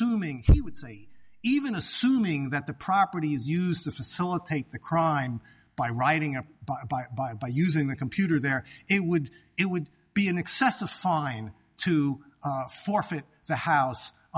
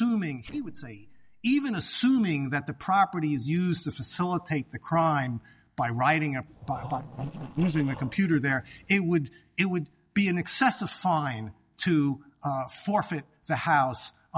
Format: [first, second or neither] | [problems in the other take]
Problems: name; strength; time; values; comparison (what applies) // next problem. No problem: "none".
first | noise reduction (neural separator model SepFormer DNS4)